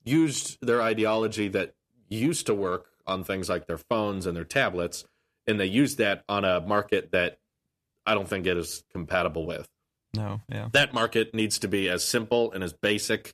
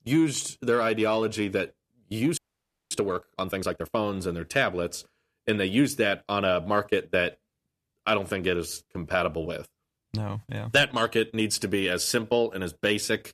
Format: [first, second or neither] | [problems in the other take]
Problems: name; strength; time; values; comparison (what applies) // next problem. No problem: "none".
first | audio freezing; at 2.5 s for 0.5 s